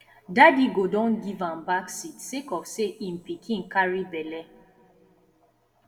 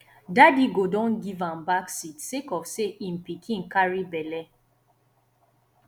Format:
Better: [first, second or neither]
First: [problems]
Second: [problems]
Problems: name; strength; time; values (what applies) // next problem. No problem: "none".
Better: second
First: room echo; dies away in 1.8 s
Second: none